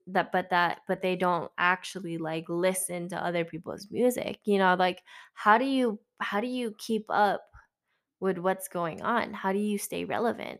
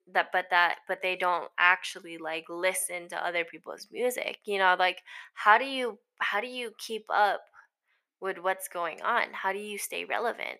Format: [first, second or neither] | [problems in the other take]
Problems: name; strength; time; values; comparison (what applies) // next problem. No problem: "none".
first | thin; very; fading below 500 Hz